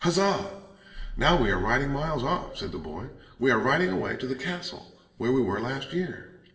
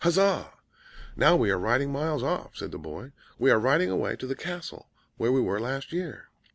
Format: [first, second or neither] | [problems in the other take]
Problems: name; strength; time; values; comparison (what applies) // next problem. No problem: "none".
second | room echo; dies away in 0.9 s